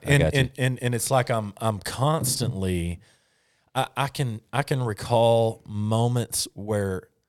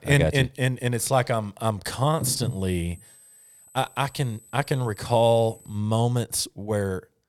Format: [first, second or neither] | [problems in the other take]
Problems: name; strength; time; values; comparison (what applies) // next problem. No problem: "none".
first | high-pitched whine; faint; from 2 to 6 s; 8 kHz, 25 dB below the speech